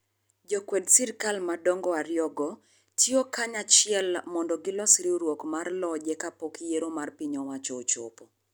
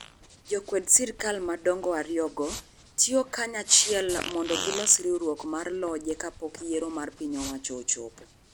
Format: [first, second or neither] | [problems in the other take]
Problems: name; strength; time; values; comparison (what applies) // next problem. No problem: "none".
first | background sound (Fart); 12 dB below the speech